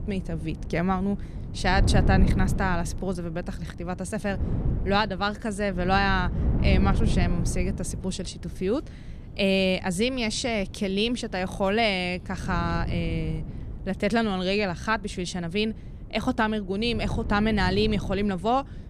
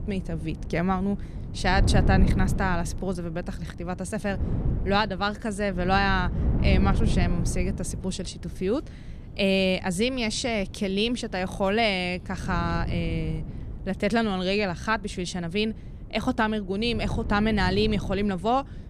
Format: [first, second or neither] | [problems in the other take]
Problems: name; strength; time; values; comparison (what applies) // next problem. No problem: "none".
neither | wind noise on the microphone; occasional gusts; 15 dB below the speech; the same in both